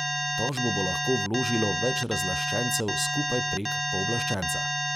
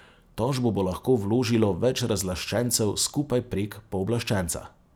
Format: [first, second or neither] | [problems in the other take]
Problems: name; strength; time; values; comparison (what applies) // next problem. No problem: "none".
second | background sound (Alarm); 2 dB above the speech